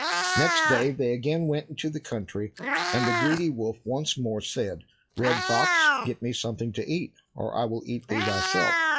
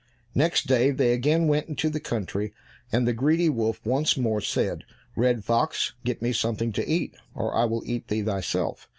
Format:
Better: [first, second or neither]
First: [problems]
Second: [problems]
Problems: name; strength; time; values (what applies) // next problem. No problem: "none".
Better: second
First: noise reduction (classical method log-MMSE)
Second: none